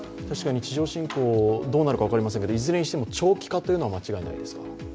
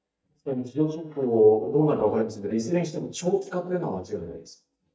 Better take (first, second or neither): first